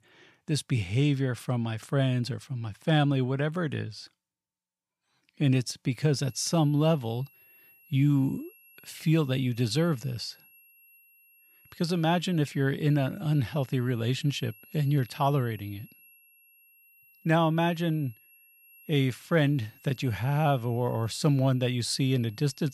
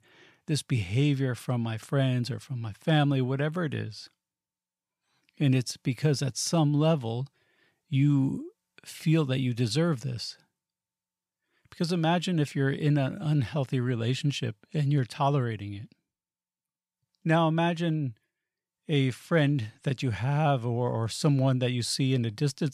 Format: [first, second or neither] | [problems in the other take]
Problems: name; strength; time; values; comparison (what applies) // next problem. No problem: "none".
second | high-pitched whine; faint; from 6 s on; 11.5 kHz, 25 dB below the speech